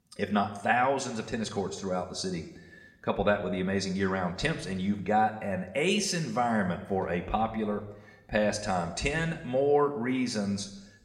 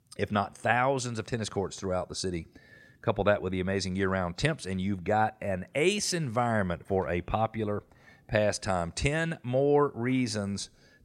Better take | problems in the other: second | room echo; very slight; dies away in 0.8 s

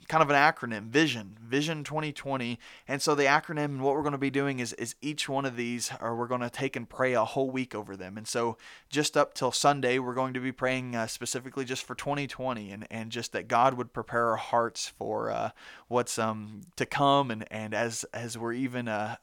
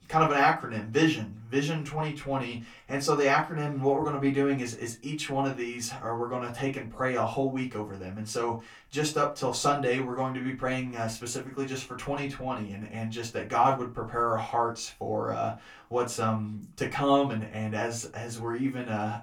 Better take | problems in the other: first | off-mic speech; far // room echo; very slight; dies away in 0.2 s

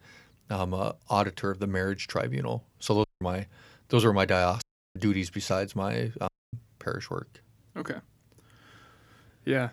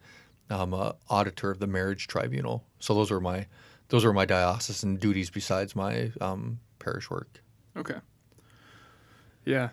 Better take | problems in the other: second | audio cutting out; at 3 s, at 4.5 s and at 6.5 s

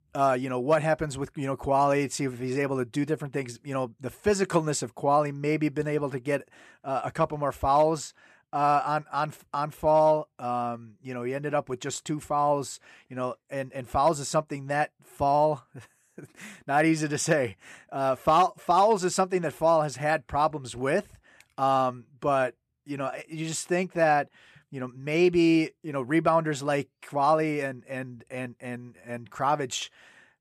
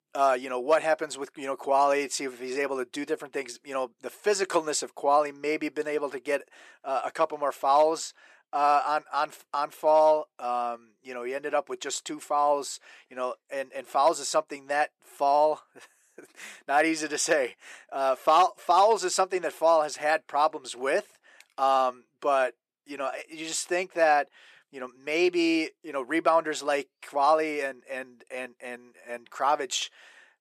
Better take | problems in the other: first | thin; somewhat; fading below 350 Hz

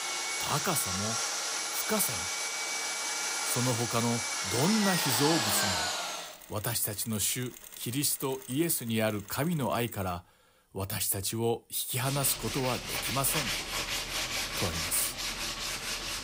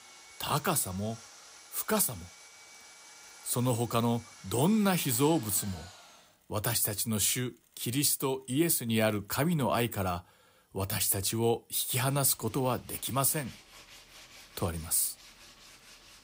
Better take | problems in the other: second | machinery noise; loud; throughout; as loud as the speech; faint in the second

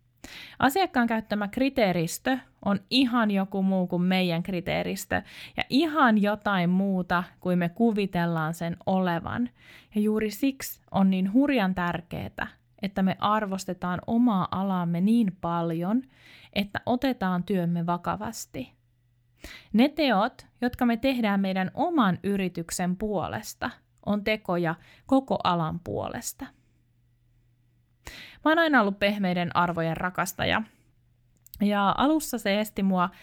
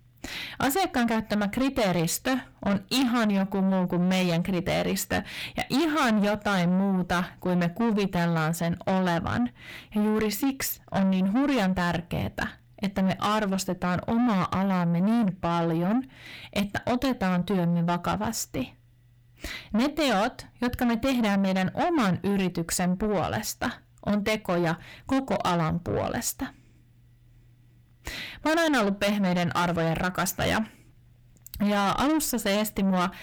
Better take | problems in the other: first | distortion; heavy; 7 dB below the speech

